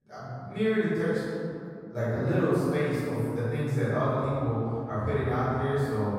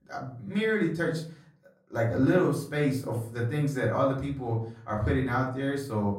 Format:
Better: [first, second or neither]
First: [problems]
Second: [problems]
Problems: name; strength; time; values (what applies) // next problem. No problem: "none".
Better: second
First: room echo; strong; dies away in 2.5 s // off-mic speech; far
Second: room echo; slight; dies away in 0.4 s // off-mic speech; far